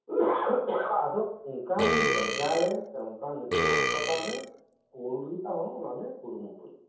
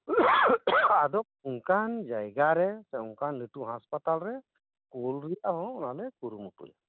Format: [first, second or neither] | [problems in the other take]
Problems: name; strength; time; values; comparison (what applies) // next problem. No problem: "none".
second | background sound (Burping, eructation); 1 dB above the speech // room echo; dies away in 0.7 s